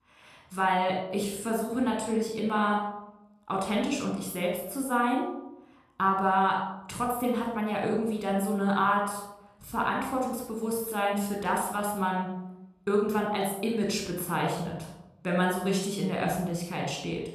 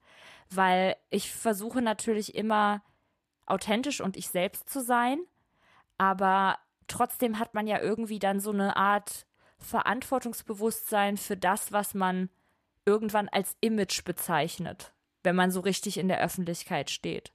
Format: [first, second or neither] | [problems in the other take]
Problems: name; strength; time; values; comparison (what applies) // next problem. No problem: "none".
second | room echo; noticeable; dies away in 0.7 s // off-mic speech; somewhat distant